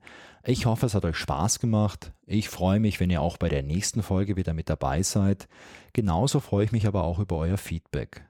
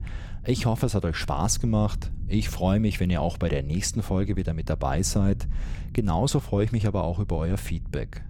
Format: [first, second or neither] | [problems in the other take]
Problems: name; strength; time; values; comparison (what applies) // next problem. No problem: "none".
first | low rumble; faint; throughout; 20 dB below the speech